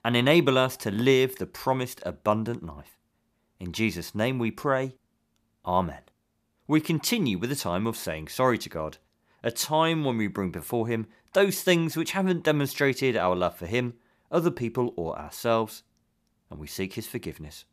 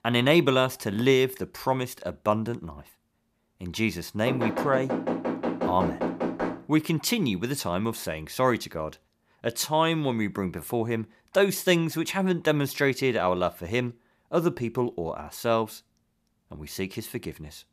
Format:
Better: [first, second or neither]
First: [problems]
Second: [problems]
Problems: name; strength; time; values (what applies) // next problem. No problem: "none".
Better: first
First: none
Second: door banging; noticeable; from 4.5 to 6.5 s; peak 2 dB below the speech